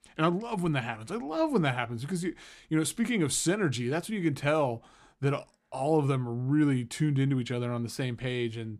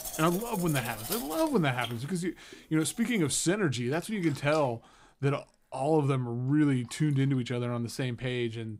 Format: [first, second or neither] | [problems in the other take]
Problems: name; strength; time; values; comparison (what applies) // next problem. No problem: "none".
first | household noises; noticeable; throughout; 10 dB below the speech